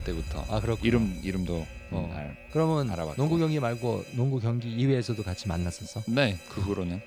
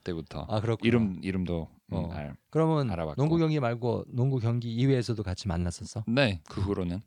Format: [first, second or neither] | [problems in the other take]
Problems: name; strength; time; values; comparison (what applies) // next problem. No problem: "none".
second | alarm; noticeable; peak 8 dB below the speech